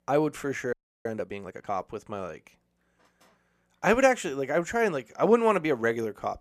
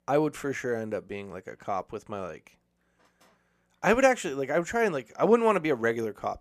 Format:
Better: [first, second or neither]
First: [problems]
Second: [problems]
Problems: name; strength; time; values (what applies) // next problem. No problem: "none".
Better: second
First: audio freezing; at 0.5 s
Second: none